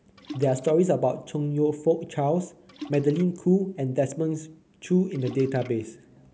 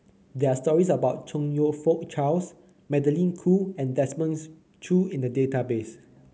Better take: second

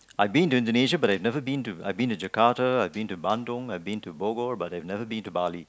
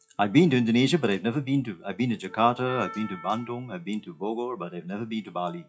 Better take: first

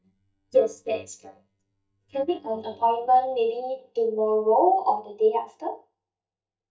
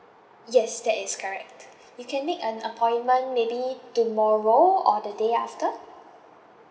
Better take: second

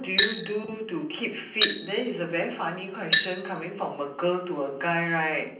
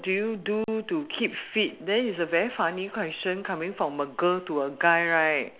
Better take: second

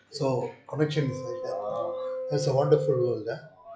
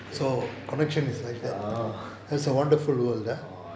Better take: second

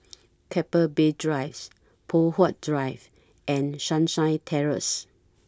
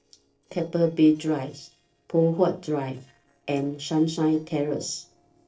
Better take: first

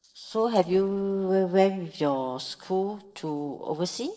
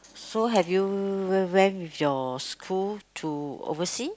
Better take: second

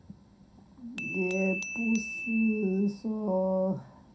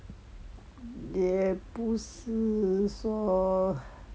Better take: second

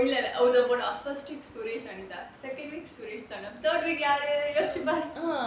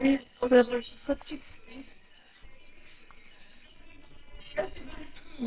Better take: first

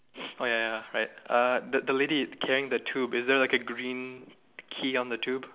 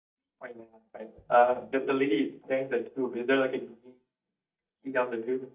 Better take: first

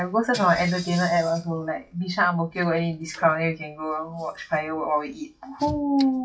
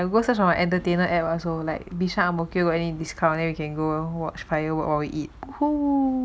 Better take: second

